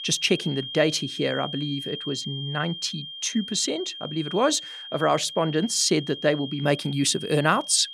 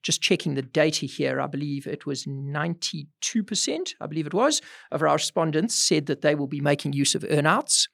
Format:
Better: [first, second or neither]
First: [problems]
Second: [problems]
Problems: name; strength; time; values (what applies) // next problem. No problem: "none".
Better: second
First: high-pitched whine; loud; throughout; 3 kHz, 10 dB below the speech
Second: none